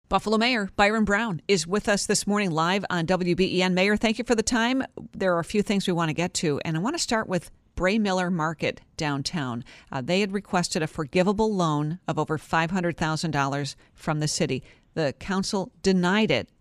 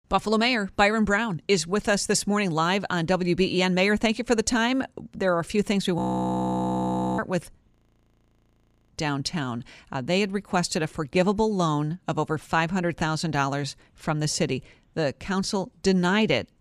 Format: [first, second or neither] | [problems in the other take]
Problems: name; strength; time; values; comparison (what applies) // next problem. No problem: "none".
first | audio freezing; at 6 s for 1 s and at 7.5 s for 1 s